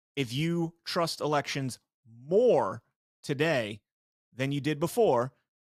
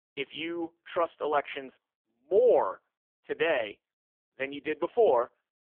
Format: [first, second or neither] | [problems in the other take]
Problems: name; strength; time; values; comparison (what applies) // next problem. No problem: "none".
first | phone-call audio; poor line; nothing above 3.5 kHz